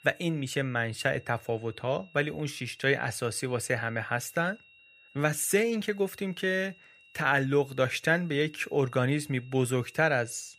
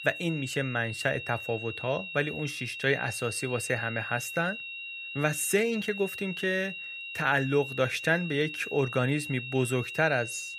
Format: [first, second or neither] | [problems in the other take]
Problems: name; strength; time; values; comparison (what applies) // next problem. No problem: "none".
first | high-pitched whine; loud; throughout; 2.5 kHz, 7 dB below the speech; faint in the first